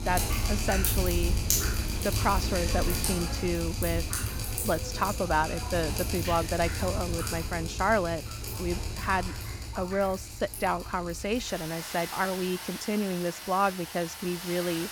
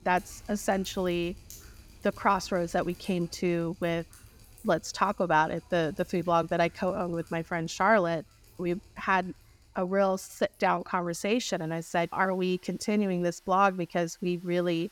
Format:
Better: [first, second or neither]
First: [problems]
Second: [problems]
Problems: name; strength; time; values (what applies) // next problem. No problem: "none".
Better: second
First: rain or running water; loud; throughout; 1 dB below the speech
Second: rain or running water; faint; throughout; 25 dB below the speech